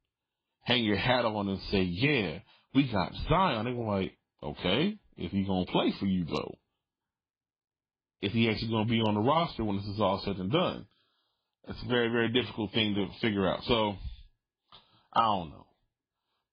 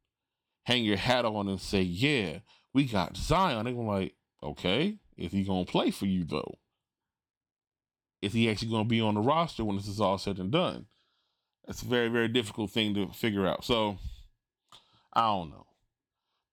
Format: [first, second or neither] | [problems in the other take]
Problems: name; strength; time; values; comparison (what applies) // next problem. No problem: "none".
second | garbled, watery; badly